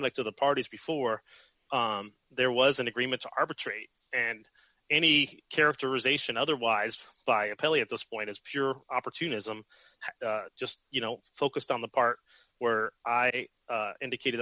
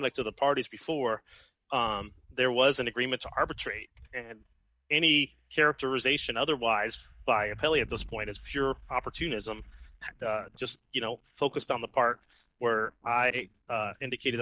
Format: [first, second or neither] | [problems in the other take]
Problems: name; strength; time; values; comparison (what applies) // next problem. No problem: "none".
first | noise reduction (neural mask model DeepFilterNet 3)